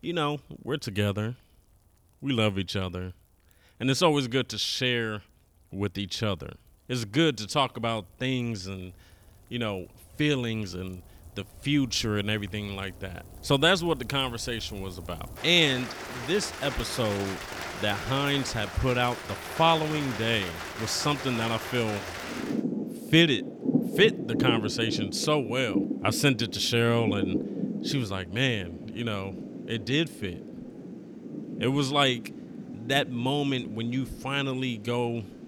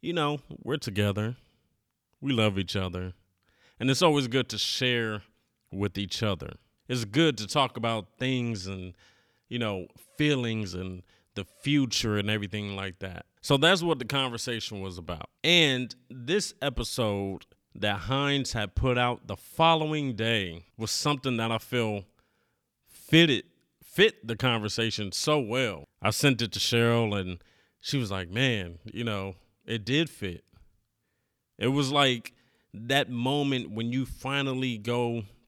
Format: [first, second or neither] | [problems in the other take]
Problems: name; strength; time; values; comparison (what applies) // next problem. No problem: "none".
second | rain or running water; loud; throughout; 8 dB below the speech